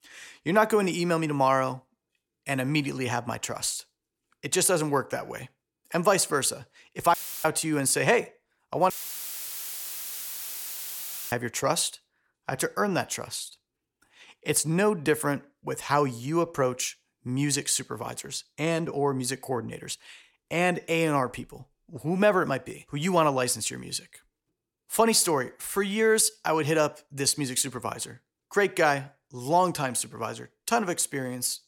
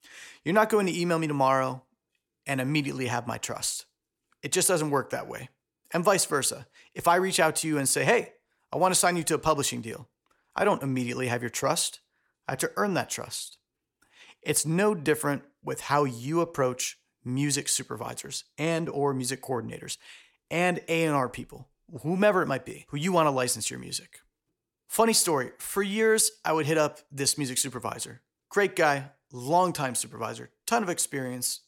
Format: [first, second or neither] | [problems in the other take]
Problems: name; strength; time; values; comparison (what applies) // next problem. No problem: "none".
second | audio cutting out; filled with static; at 7 s and at 9 s for 2.5 s